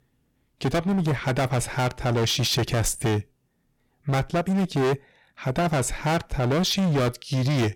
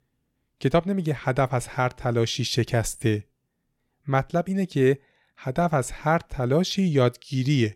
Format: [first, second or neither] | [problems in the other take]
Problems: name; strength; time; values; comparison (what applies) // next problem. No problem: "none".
second | distortion; heavy; 22% of the sound clipped